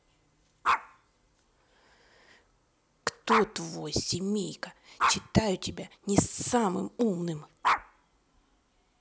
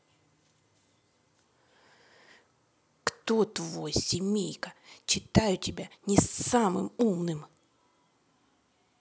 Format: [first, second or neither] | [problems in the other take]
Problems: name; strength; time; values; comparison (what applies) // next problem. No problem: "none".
second | background sound (Dog); 3 dB below the speech